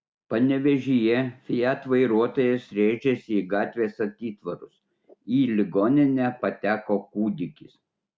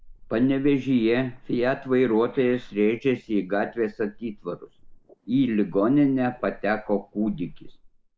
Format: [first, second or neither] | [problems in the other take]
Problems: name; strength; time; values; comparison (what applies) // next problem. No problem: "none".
first | noise reduction (neural mask model Resemble Enhance denoiser)